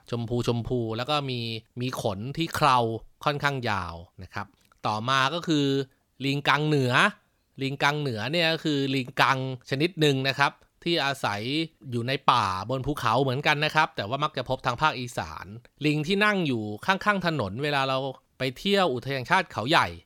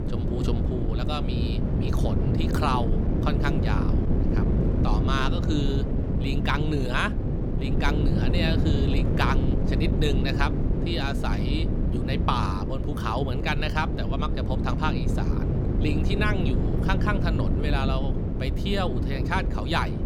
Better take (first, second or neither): first